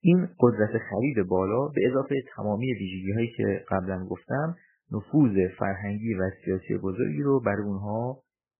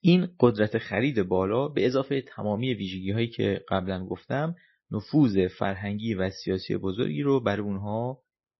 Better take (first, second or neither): second